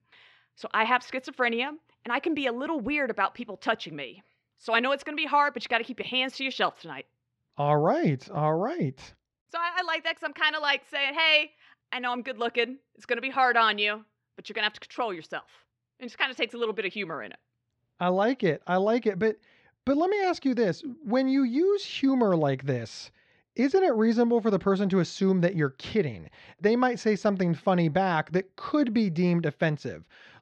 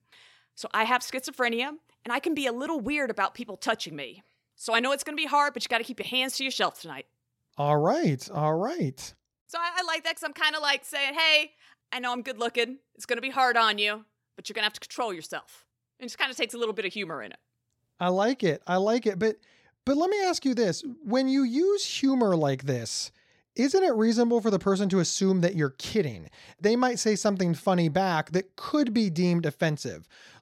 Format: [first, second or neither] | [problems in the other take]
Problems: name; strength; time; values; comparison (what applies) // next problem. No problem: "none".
second | muffled; slightly; fading above 2.5 kHz